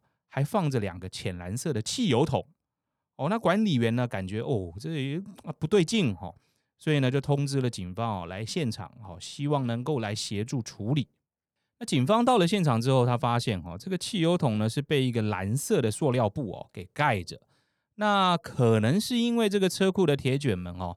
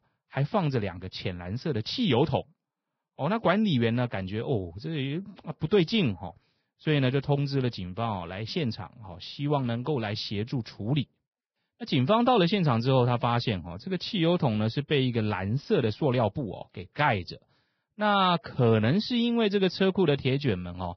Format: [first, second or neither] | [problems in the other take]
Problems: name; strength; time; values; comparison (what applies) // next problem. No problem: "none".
first | garbled, watery; badly; nothing above 5.5 kHz